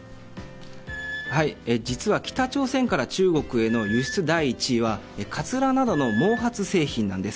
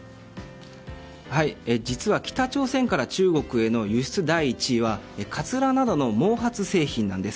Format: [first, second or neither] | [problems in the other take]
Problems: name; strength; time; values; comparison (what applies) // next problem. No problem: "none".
second | background sound (Squeak / Screech); 14 dB below the speech